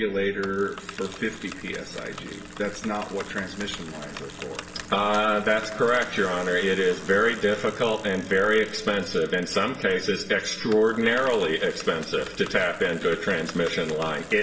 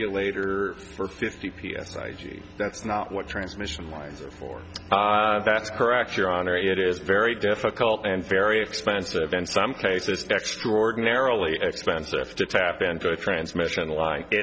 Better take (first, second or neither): second